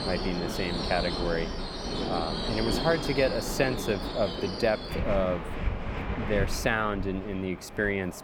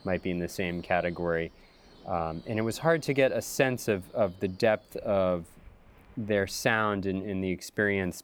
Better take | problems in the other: second | train or aircraft noise; loud; throughout; 3 dB below the speech; faint in the second

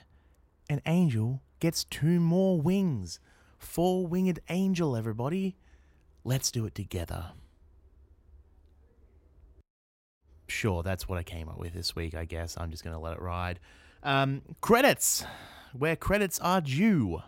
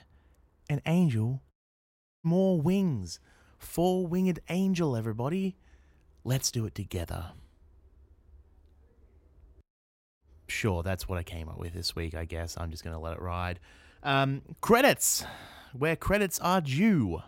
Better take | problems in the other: first | audio cutting out; at 1.5 s for 0.5 s

